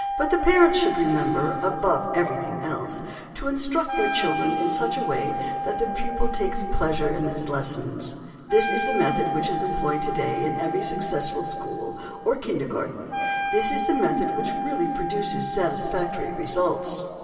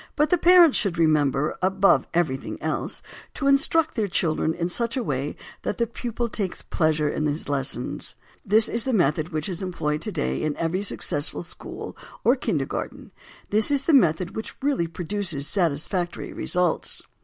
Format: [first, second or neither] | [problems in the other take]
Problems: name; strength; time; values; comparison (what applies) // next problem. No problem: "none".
second | background sound (Wind instrument, woodwind instrument); 4 dB below the speech // room echo; dies away in 2.8 s